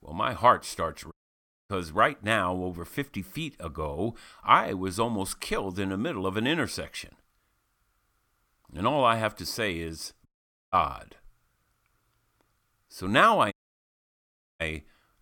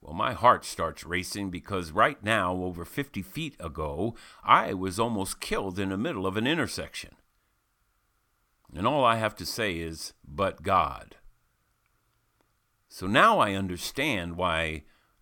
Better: second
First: audio cutting out; at 1 s for 0.5 s, at 10 s and at 14 s for 1 s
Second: none

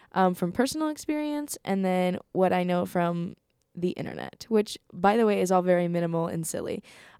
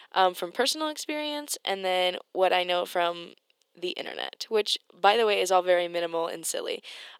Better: first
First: none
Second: thin; very; fading below 400 Hz

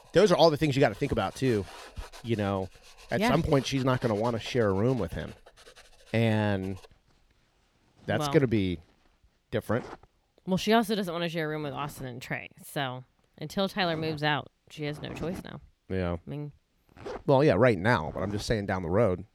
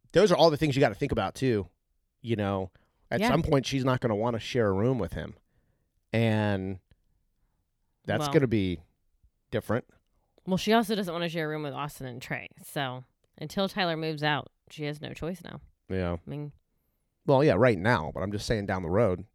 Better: second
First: household noises; noticeable; throughout; 20 dB below the speech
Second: none

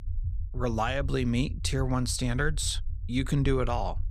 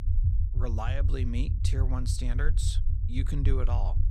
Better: first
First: low rumble; faint; throughout; 25 dB below the speech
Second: low rumble; loud; throughout; 8 dB below the speech

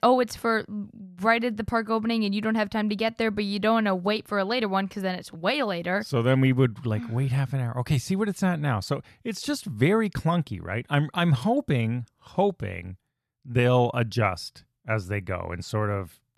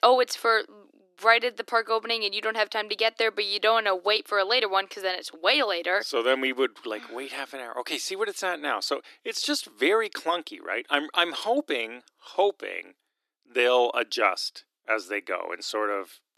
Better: first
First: none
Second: thin; very; fading below 300 Hz

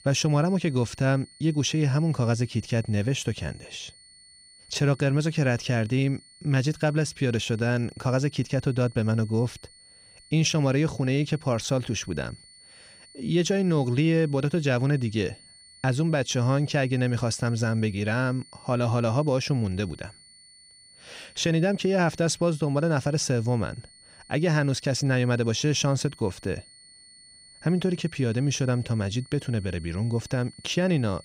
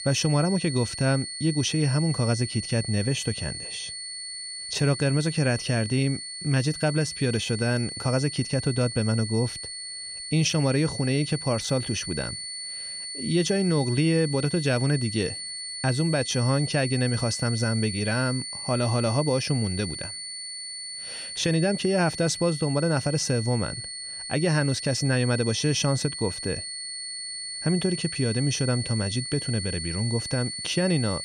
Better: first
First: high-pitched whine; faint; throughout; 4.5 kHz, 25 dB below the speech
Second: high-pitched whine; loud; throughout; 4.5 kHz, 7 dB below the speech

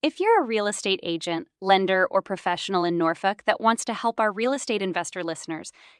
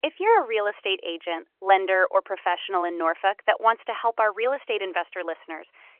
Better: first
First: none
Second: phone-call audio; nothing above 3.5 kHz

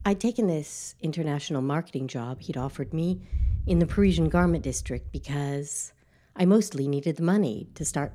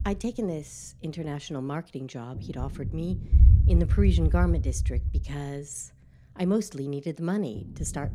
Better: first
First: low rumble; faint; throughout; 25 dB below the speech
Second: low rumble; loud; throughout; 8 dB below the speech

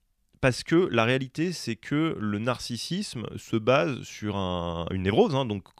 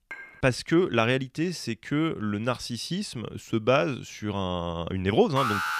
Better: first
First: none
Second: clattering dishes; faint; at the start; peak 15 dB below the speech // alarm; loud; at 5.5 s; peak level with the speech

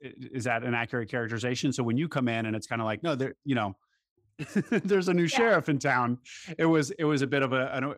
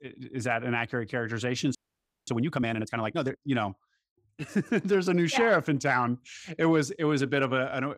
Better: first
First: none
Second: audio freezing; at 2 s for 0.5 s

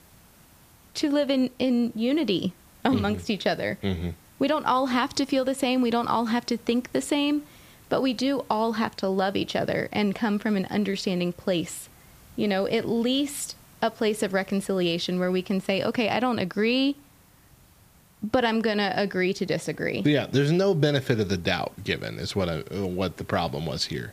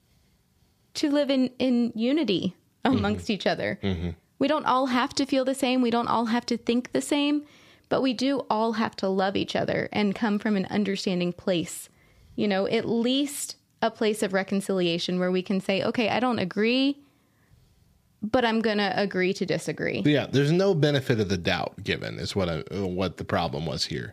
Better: second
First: hiss; faint; throughout; 25 dB below the speech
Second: none

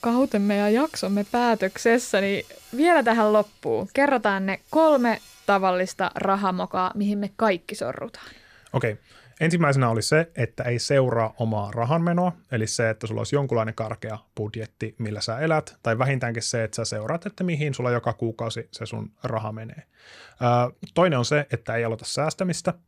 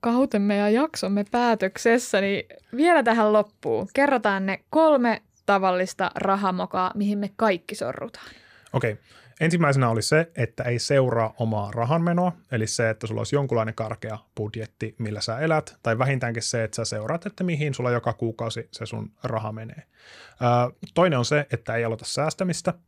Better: second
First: machinery noise; faint; throughout; 25 dB below the speech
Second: none

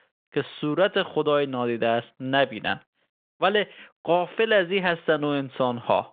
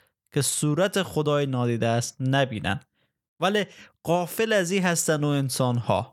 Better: second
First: phone-call audio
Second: none

